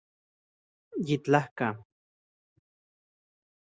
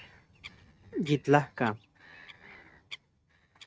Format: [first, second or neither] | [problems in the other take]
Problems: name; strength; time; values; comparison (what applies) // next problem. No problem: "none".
first | noise reduction (neural mask model RNNoise)